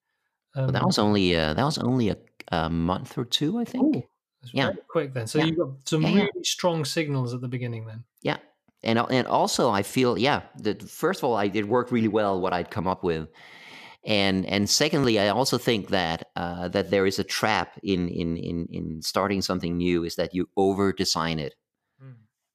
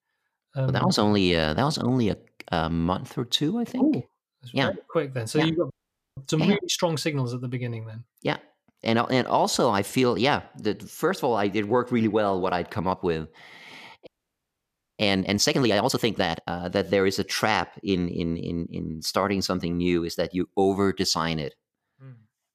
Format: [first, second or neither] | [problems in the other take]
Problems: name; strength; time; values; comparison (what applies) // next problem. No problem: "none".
first | audio freezing; at 5.5 s and at 14 s for 1 s